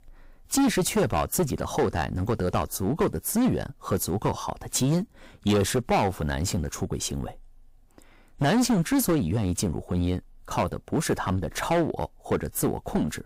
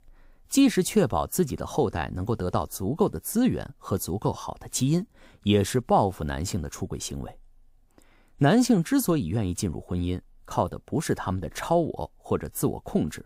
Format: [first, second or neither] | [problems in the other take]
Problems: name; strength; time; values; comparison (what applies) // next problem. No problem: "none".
second | distortion; heavy; 11% of the sound clipped